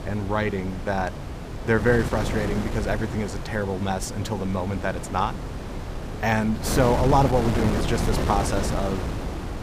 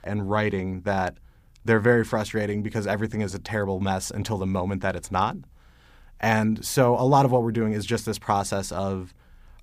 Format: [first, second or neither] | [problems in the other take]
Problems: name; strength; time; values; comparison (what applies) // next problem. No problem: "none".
second | wind noise on the microphone; heavy; 7 dB below the speech